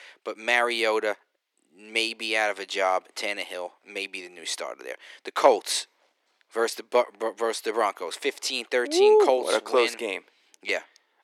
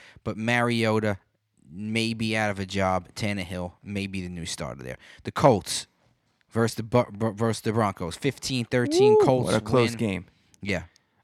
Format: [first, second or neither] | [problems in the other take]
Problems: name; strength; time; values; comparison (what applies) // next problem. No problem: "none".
second | thin; very; fading below 350 Hz